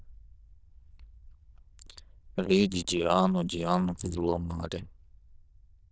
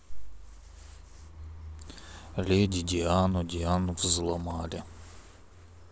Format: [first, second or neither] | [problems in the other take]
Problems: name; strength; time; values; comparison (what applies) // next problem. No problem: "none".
second | noise reduction (neural diffusion model UNIVERSE++)